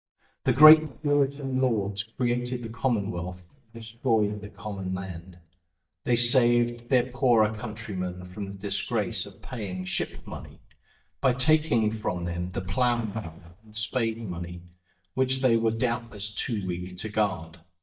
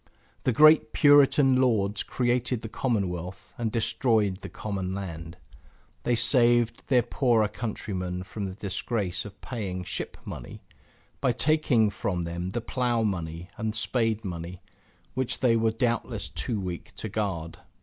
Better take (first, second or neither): second